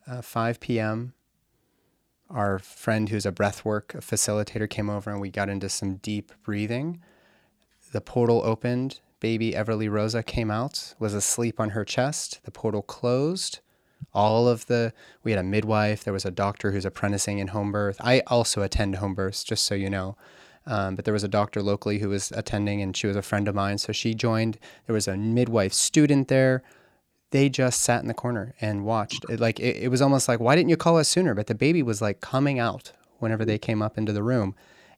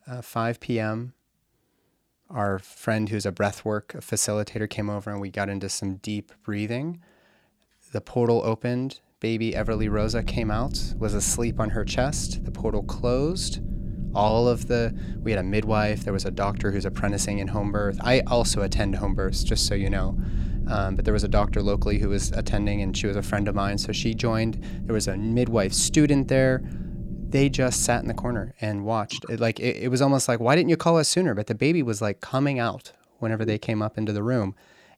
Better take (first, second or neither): first